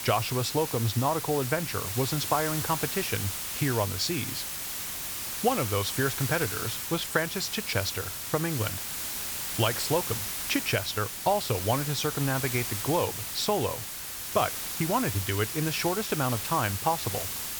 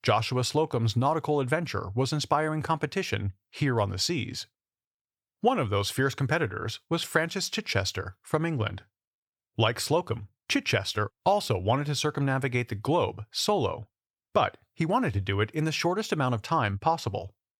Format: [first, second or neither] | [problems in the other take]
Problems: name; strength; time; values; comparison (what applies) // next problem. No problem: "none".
second | hiss; loud; throughout; 3 dB below the speech